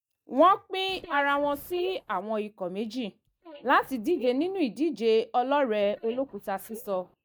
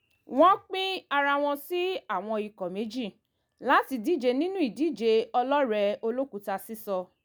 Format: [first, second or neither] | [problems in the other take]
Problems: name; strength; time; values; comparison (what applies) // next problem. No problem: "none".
second | noise reduction (neural mask model DeepFilterNet 3)